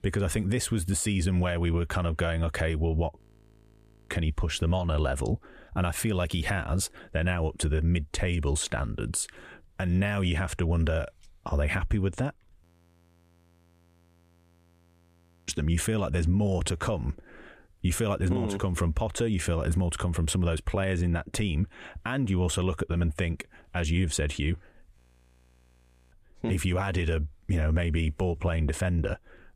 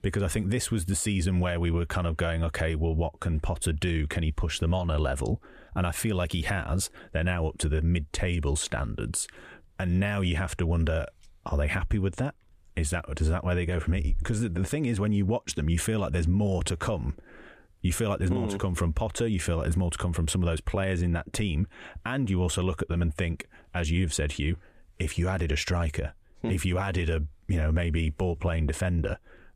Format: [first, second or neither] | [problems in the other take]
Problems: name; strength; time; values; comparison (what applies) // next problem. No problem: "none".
second | audio freezing; at 3 s for 1 s, at 13 s for 3 s and at 25 s for 1 s